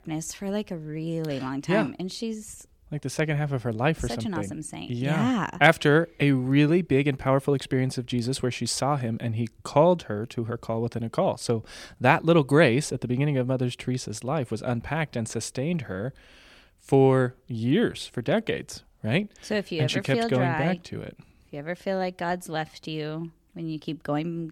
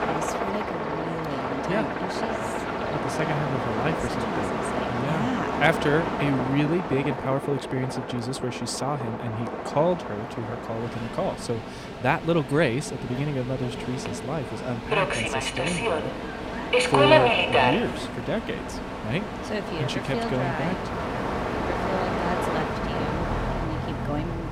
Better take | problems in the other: first | train or aircraft noise; very loud; throughout; 1 dB above the speech

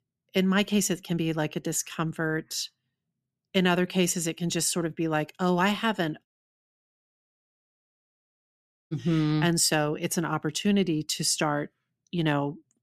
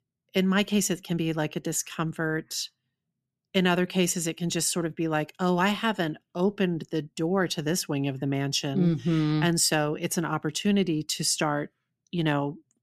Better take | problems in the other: second | audio cutting out; at 6.5 s for 2.5 s

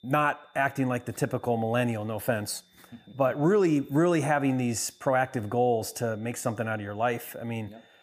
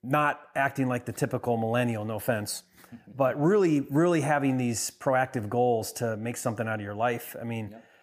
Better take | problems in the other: second | high-pitched whine; faint; throughout; 3.5 kHz, 35 dB below the speech

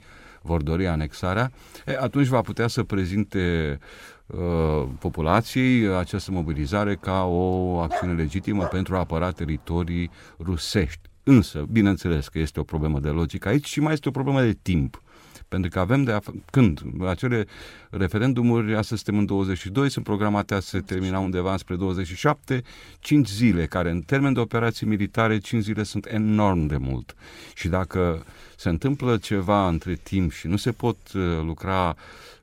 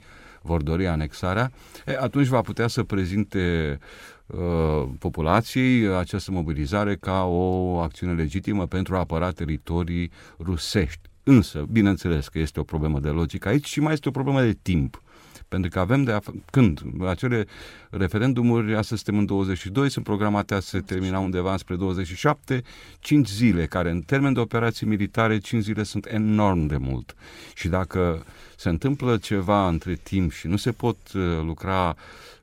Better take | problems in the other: second | dog barking; noticeable; at 8 s; peak 6 dB below the speech

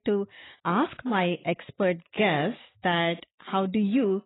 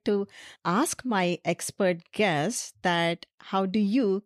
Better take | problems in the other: second | garbled, watery; badly; nothing above 3.5 kHz

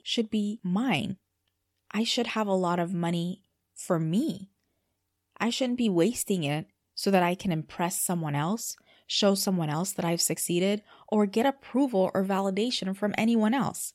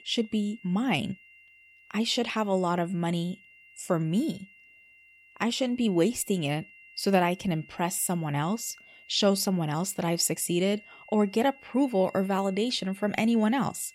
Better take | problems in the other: first | high-pitched whine; faint; throughout; 3 kHz, 25 dB below the speech

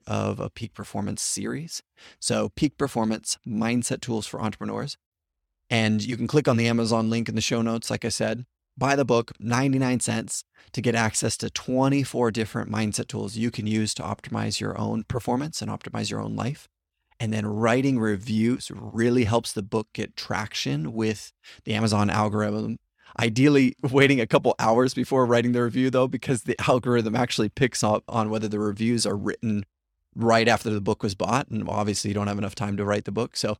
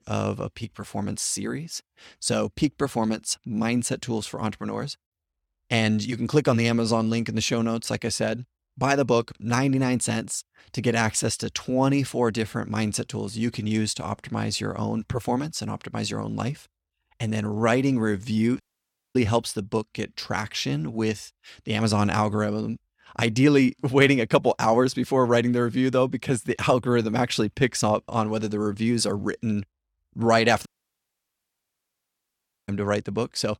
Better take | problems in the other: first | audio cutting out; at 19 s for 0.5 s and at 31 s for 2 s

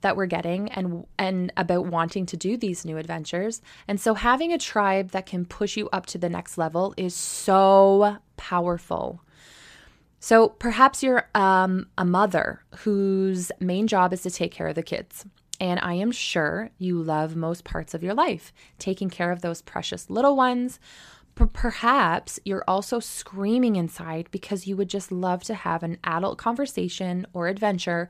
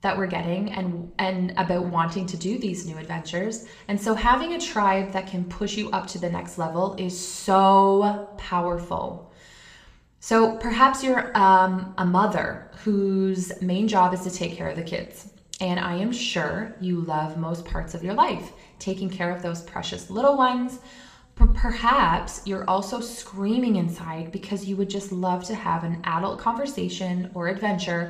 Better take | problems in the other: first | room echo; very slight; dies away in 0.6 s

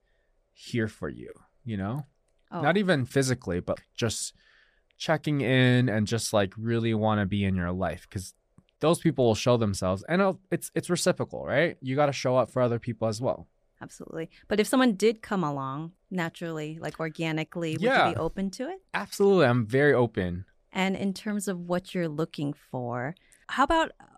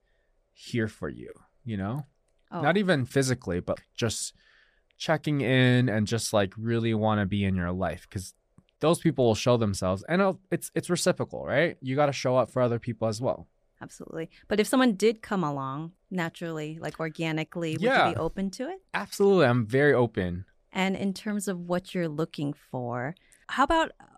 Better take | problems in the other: neither | none

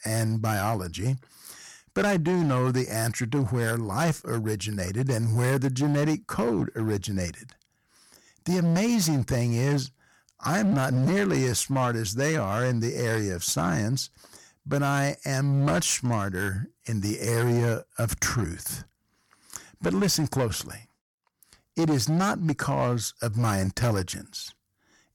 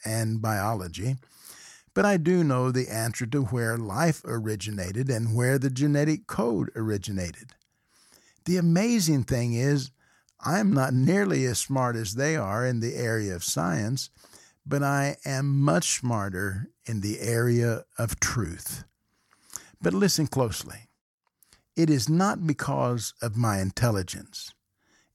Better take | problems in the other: second | distortion; slight; 10% of the sound clipped

